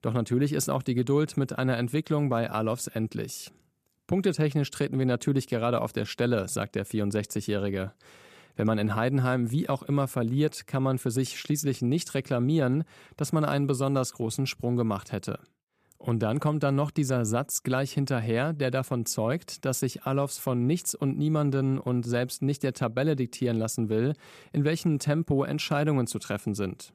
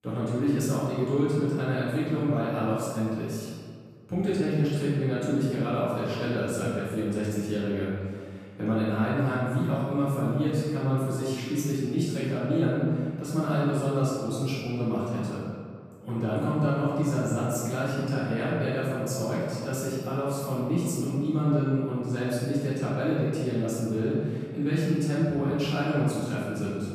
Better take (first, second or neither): first